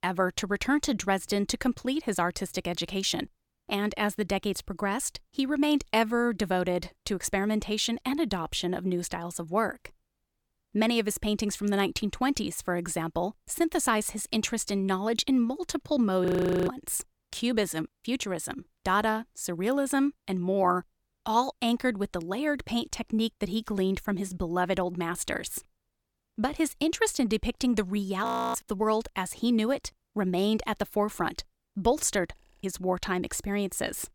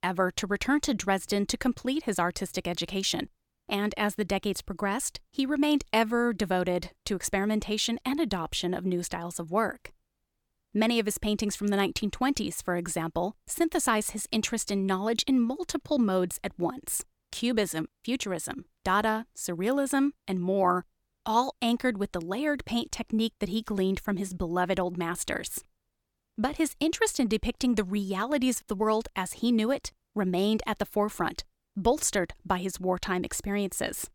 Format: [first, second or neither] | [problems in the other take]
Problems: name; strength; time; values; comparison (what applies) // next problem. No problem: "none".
second | audio freezing; at 16 s, at 28 s and at 32 s